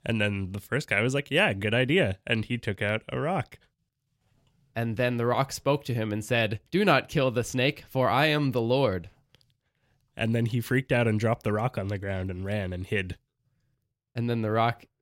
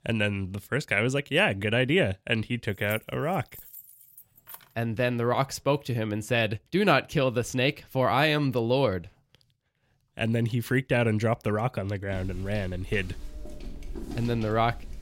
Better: first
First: none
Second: jangling keys; faint; from 3 to 4.5 s; peak 15 dB below the speech // footsteps; faint; from 12 s on; peak 10 dB below the speech

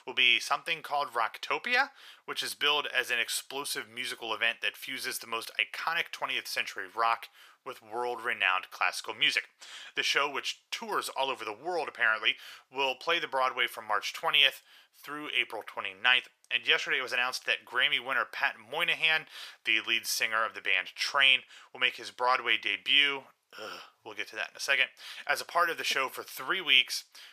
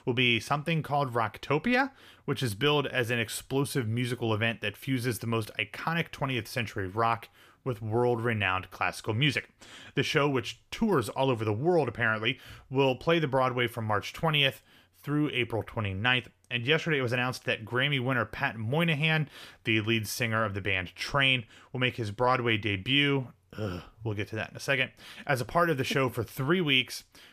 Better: second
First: thin; very; fading below 800 Hz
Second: none

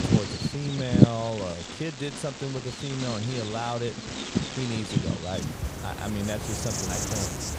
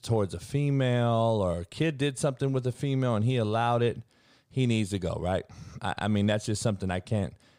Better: second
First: animal sounds; very loud; throughout; 3 dB above the speech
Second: none

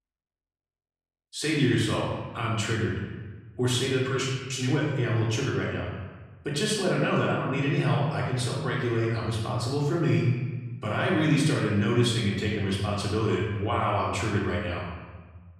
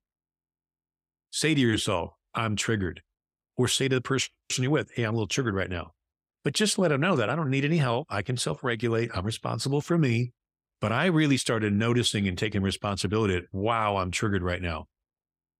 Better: second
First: off-mic speech; far // room echo; noticeable; dies away in 1.2 s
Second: none

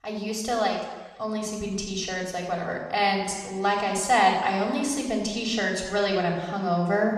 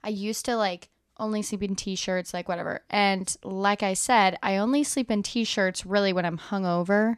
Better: second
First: room echo; noticeable; dies away in 1.1 s // off-mic speech; somewhat distant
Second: none

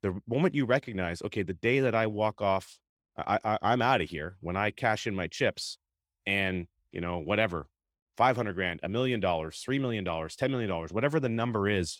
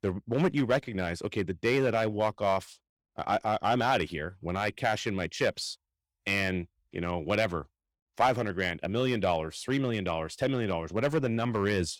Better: first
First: none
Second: distortion; slight; 2% of the sound clipped

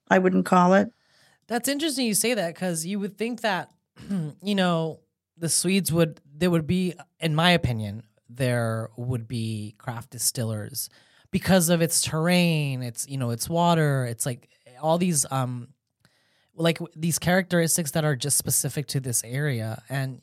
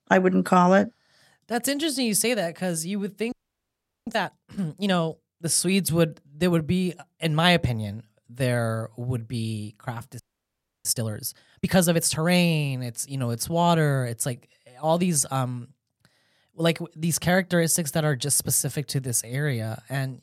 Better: first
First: none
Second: audio freezing; at 3.5 s for 1 s and at 10 s for 0.5 s

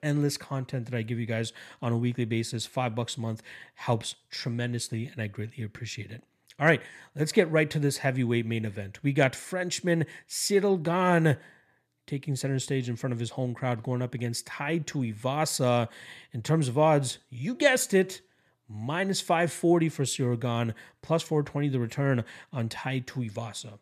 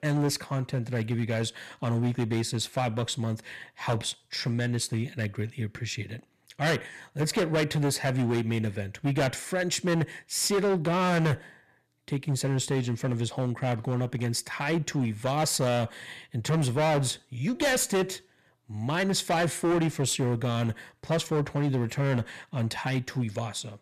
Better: first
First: none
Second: distortion; heavy; 12% of the sound clipped

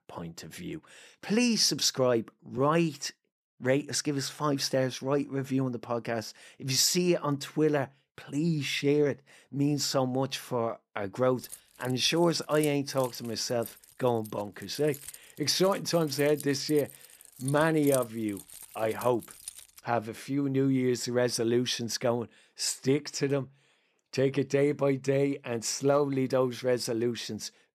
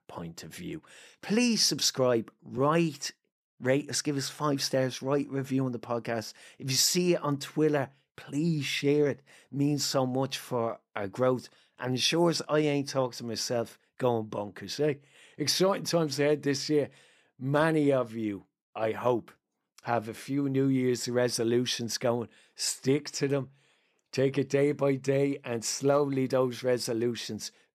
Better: second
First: jangling keys; noticeable; from 11 to 20 s; peak 8 dB below the speech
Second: none

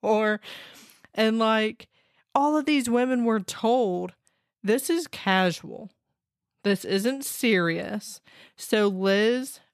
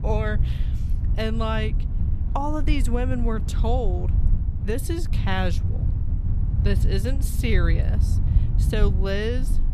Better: first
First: none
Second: low rumble; noticeable; throughout; 10 dB below the speech

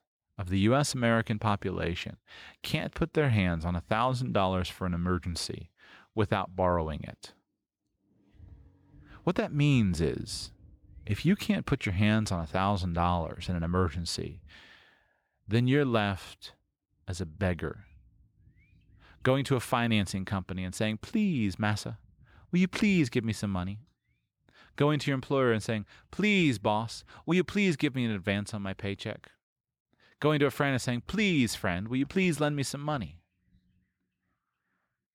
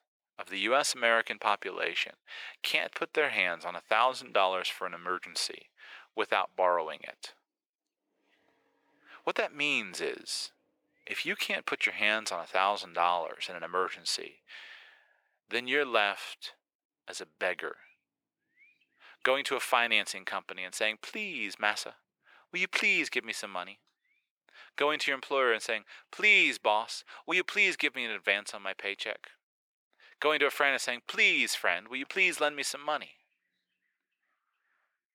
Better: first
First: none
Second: thin; very; fading below 500 Hz

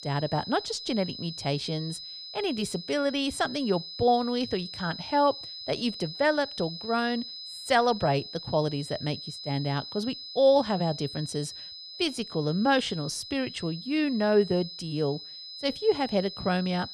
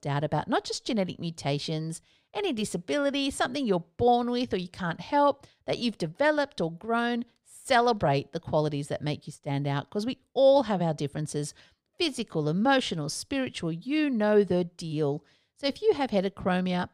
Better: second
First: high-pitched whine; noticeable; throughout; 5 kHz, 10 dB below the speech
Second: none

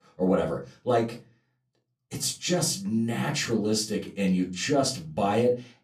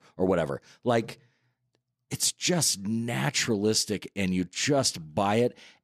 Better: second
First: off-mic speech; far // room echo; very slight; dies away in 0.3 s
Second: none

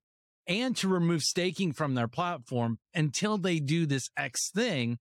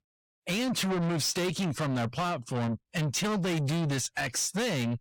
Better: first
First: none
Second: distortion; heavy; 6 dB below the speech

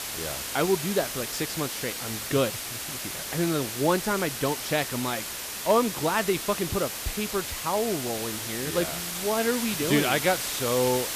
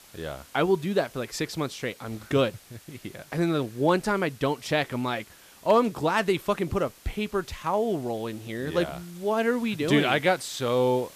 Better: second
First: hiss; loud; throughout; 3 dB below the speech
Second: hiss; faint; throughout; 25 dB below the speech

